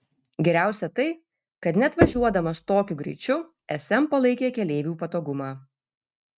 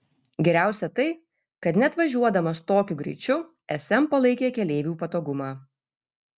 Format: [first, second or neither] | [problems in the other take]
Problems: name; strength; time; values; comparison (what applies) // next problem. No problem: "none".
second | noise reduction (neural mask model RNNoise)